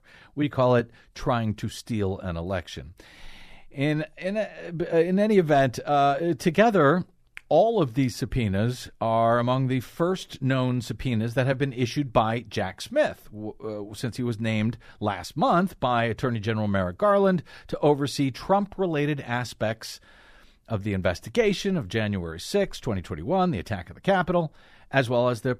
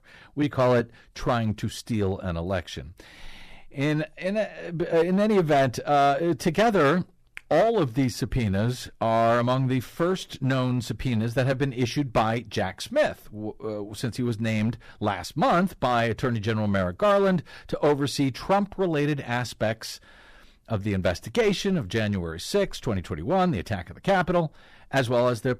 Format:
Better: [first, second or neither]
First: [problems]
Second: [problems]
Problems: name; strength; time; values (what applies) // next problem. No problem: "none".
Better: first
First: none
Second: distortion; slight; 6% of the sound clipped